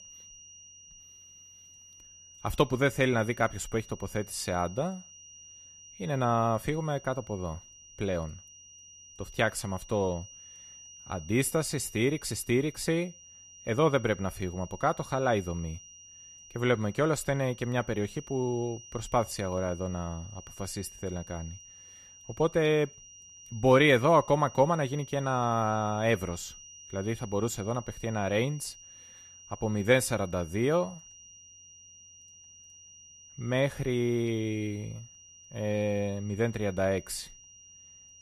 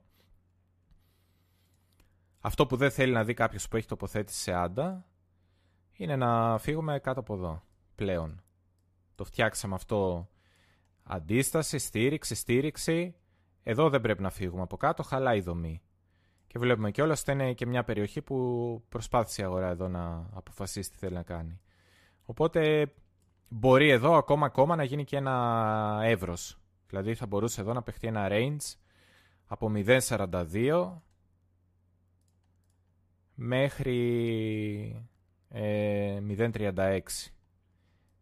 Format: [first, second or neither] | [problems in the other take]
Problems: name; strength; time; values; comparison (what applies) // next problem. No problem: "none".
second | high-pitched whine; noticeable; throughout; 6 kHz, 20 dB below the speech